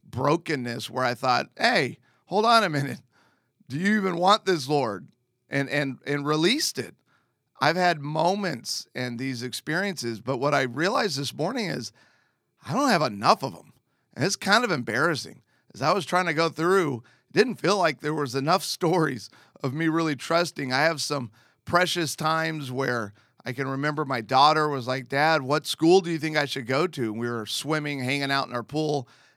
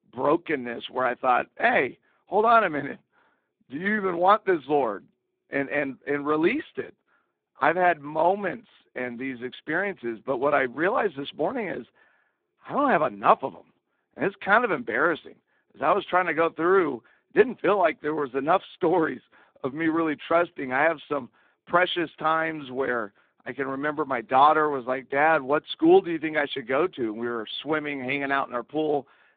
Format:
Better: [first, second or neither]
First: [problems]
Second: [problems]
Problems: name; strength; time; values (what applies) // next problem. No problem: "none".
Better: first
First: none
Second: phone-call audio; poor line